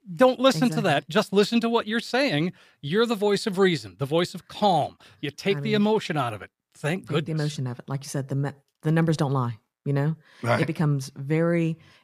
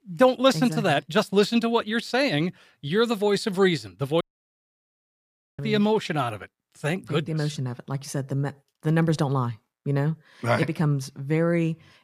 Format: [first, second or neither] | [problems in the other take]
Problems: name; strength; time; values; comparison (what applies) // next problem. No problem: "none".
first | audio cutting out; at 4 s for 1.5 s